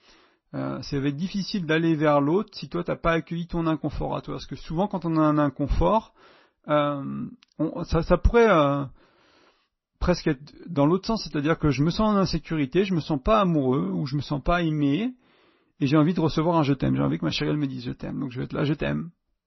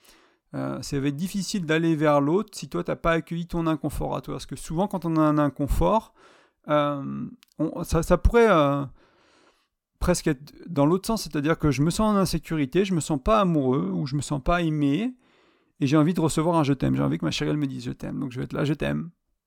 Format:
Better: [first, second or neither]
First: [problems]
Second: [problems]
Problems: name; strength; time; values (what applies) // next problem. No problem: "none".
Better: second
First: garbled, watery; slightly; nothing above 6 kHz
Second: none